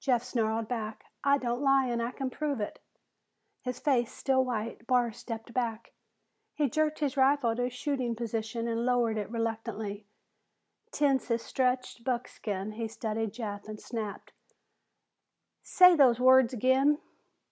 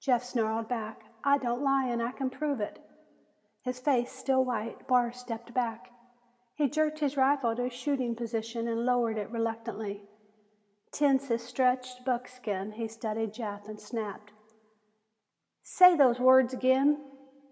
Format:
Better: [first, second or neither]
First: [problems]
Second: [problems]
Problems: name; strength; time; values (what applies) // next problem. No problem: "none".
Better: first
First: none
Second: room echo; dies away in 1.2 s